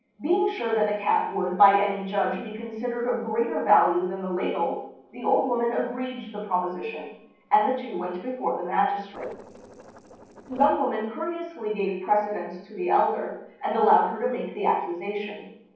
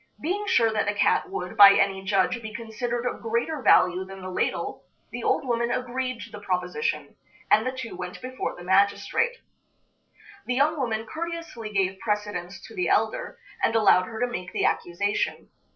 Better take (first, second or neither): second